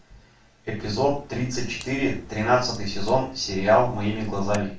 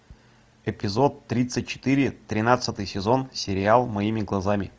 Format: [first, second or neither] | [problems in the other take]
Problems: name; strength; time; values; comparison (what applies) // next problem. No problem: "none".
second | background sound (Crack); 19 dB below the speech // room echo; dies away in 0.3 s